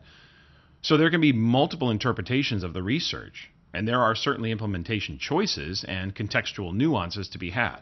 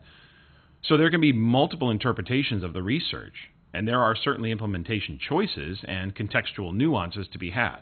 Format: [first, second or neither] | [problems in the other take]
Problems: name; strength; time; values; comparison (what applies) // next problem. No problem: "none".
first | garbled, watery; badly; nothing above 4 kHz; slightly in the first